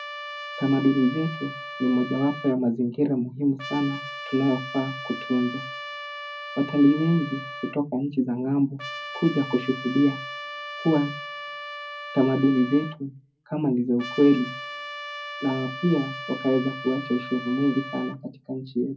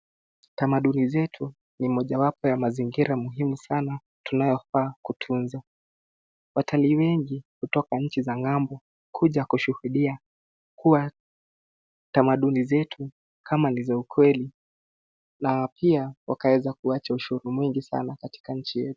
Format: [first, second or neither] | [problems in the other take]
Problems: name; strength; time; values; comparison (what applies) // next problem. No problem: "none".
second | background sound (Trumpet); 12 dB below the speech // room echo; dies away in 0.4 s